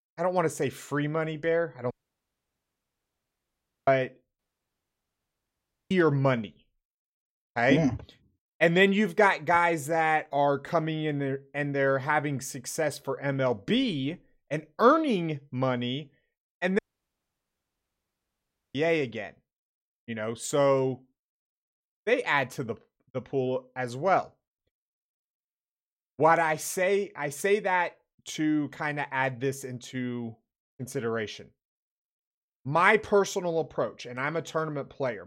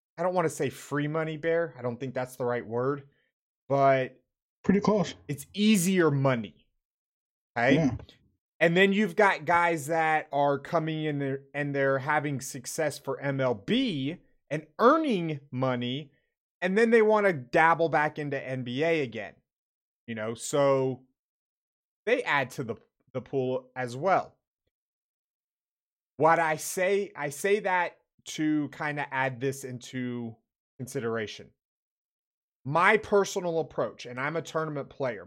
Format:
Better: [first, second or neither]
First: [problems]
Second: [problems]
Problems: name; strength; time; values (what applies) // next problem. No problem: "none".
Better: second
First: audio cutting out; at 2 s for 2 s, at 4.5 s for 1.5 s and at 17 s for 2 s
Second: none